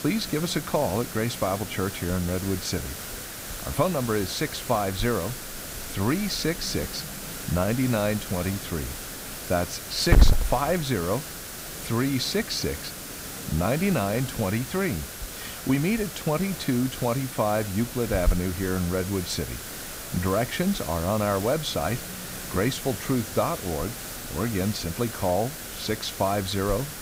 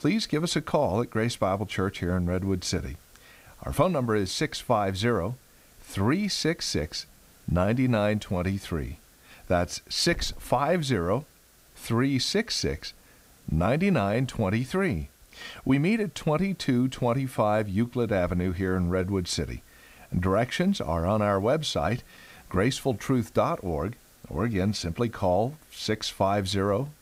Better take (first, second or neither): second